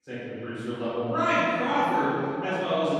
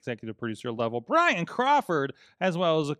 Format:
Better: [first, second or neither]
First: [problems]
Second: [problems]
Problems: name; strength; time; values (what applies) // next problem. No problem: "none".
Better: second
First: off-mic speech; far // room echo; strong; dies away in 2.4 s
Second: none